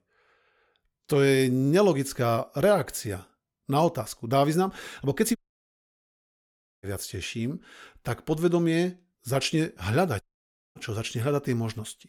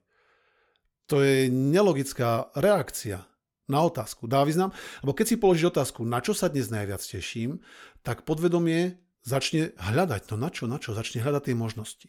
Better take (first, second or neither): second